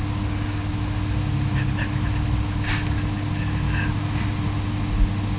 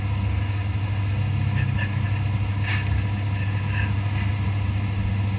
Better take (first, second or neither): first